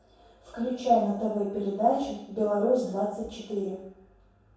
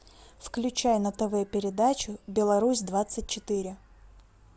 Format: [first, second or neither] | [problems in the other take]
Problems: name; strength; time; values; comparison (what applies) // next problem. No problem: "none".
second | room echo; dies away in 0.7 s